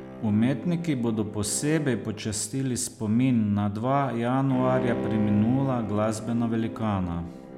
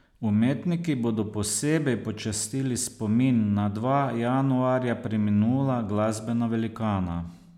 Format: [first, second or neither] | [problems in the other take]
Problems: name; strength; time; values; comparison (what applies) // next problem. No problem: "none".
second | background sound (Bowed string instrument); 11 dB below the speech